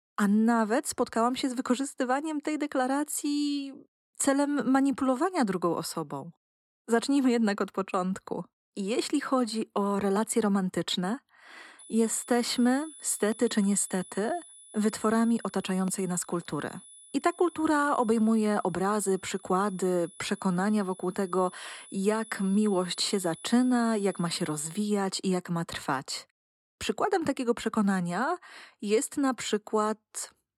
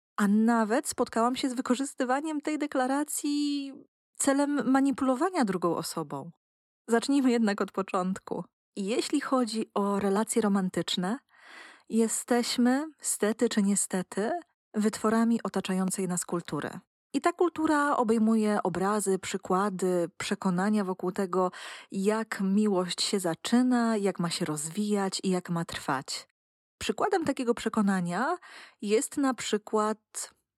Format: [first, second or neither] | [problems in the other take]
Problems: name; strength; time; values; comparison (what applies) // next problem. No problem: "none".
second | high-pitched whine; noticeable; from 12 to 25 s; 10 kHz, 20 dB below the speech